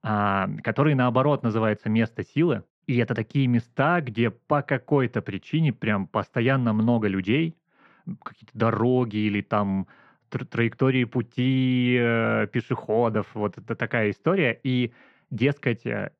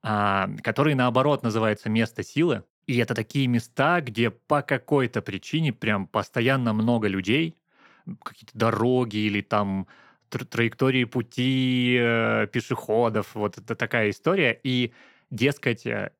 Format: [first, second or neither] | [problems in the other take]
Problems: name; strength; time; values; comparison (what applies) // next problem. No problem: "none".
second | muffled; slightly; fading above 2.5 kHz